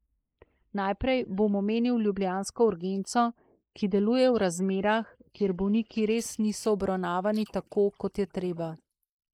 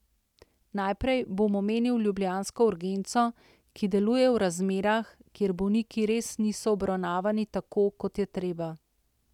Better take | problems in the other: second | noise reduction (neural mask model Resemble Enhance denoiser)

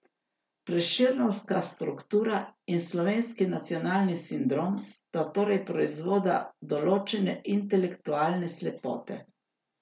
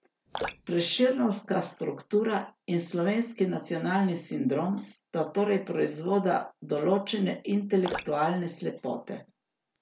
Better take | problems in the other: first | background sound (Drip); 13 dB below the speech

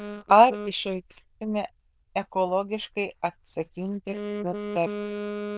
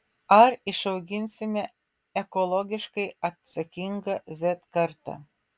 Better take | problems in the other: second | noise reduction (neural diffusion model UNIVERSE++)

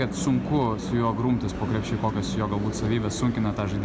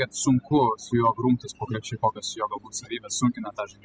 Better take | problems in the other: first | noise reduction (classical method spectral subtraction)

